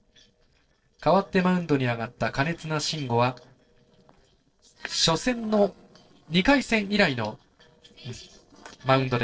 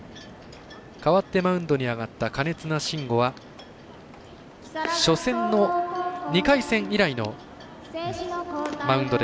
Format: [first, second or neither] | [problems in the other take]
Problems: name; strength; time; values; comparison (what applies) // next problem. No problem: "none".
second | noise reduction (neural separator model SepFormer DNS4)